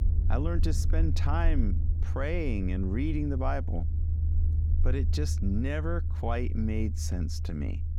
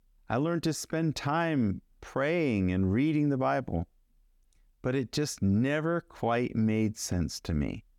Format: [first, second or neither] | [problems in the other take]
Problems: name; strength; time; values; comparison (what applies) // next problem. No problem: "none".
second | low rumble; noticeable; throughout; 10 dB below the speech